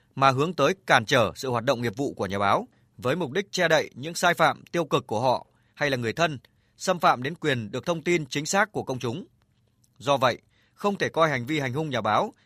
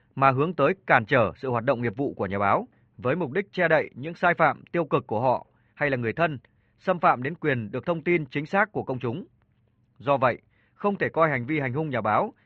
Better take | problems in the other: first | muffled; very; fading above 2.5 kHz

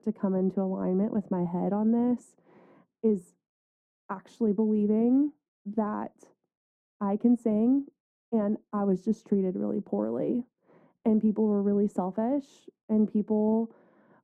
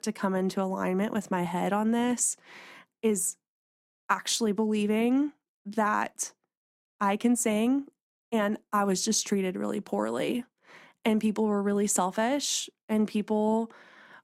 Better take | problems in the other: second | muffled; very; fading above 1.5 kHz

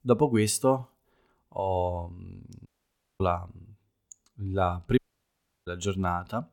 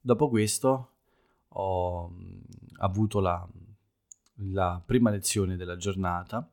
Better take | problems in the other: second | audio cutting out; at 2.5 s for 0.5 s and at 5 s for 0.5 s

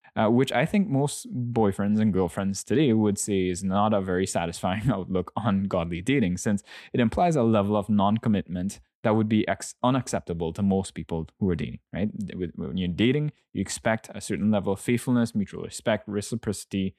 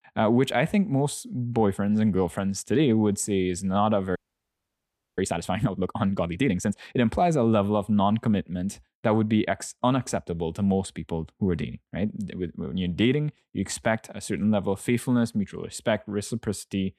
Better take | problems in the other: first | audio freezing; at 4 s for 1 s

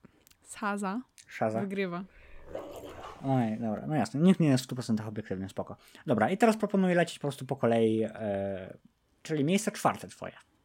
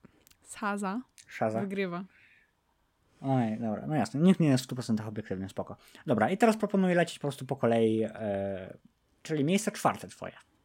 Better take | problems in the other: second | dog barking; faint; from 2.5 to 3.5 s; peak 10 dB below the speech

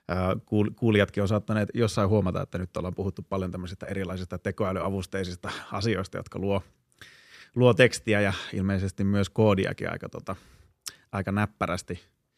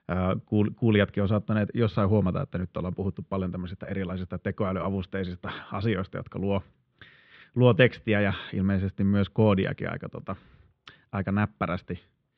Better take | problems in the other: first | muffled; very; fading above 3.5 kHz

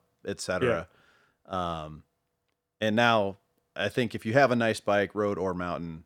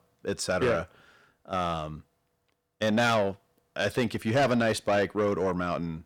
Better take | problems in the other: first | distortion; heavy; 8 dB below the speech

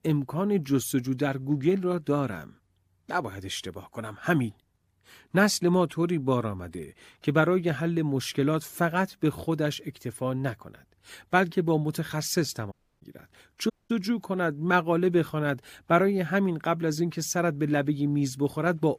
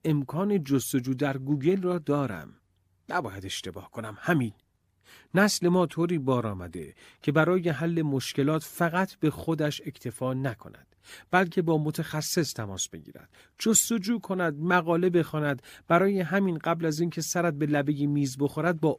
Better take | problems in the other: second | audio cutting out; at 13 s and at 14 s

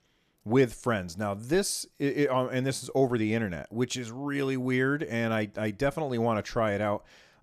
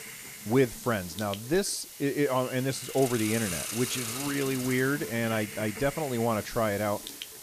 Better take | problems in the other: first | hiss; loud; throughout; 8 dB below the speech

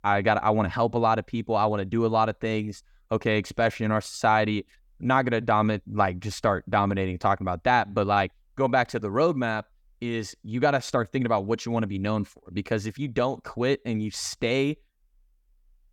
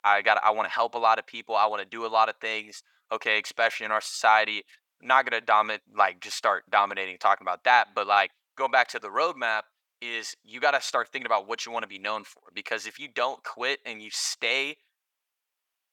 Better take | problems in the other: first | thin; very; fading below 900 Hz

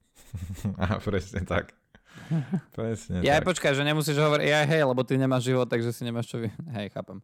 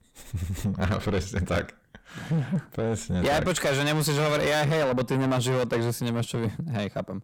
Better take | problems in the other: first | distortion; heavy; 7 dB below the speech

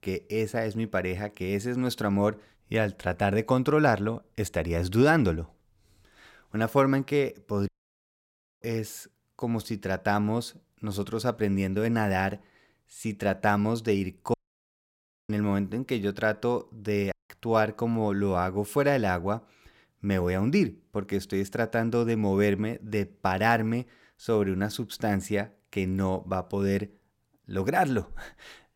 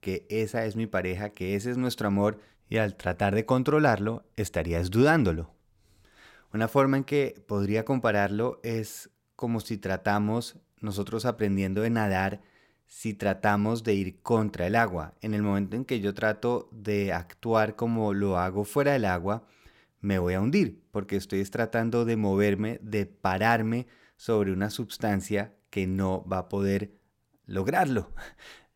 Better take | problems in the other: second | audio cutting out; at 7.5 s for 1 s, at 14 s for 1 s and at 17 s

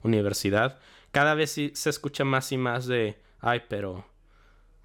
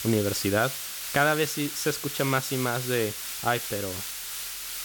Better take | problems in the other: first | hiss; loud; throughout; 5 dB below the speech

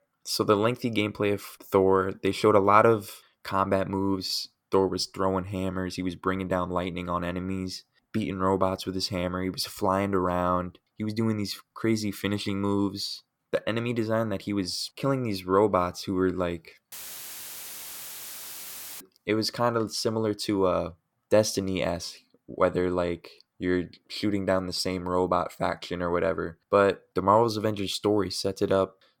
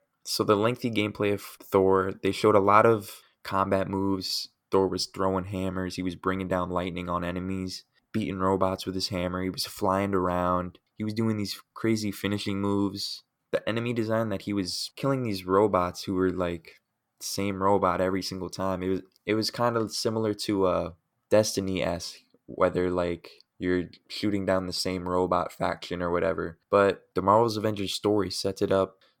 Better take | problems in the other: second | audio cutting out; filled with static; at 17 s for 2 s

